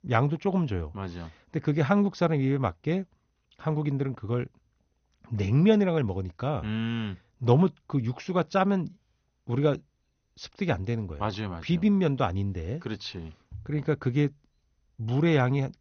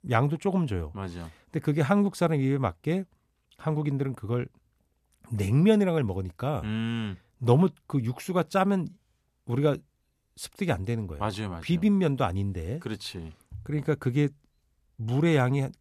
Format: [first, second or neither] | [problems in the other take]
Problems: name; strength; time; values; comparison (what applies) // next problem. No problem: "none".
second | garbled, watery; slightly; nothing above 6.5 kHz